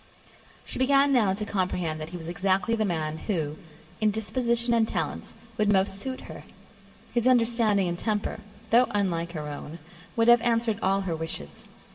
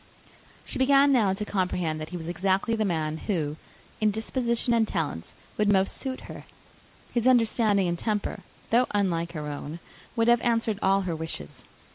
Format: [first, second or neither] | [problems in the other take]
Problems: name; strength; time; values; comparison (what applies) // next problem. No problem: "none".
second | room echo; dies away in 2.2 s